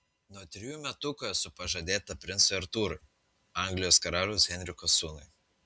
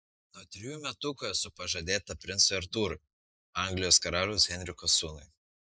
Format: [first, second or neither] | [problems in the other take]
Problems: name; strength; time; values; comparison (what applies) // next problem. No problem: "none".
first | noise reduction (neural mask model Resemble Enhance denoiser)